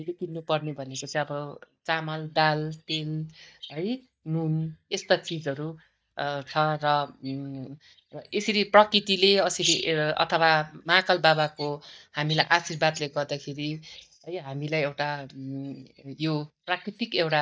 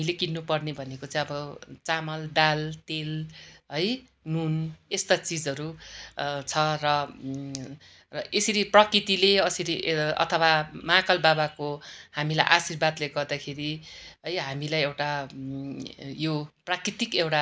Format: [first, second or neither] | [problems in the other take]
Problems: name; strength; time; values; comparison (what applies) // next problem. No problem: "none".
second | noise reduction (neural mask model DeepFilterNet 3)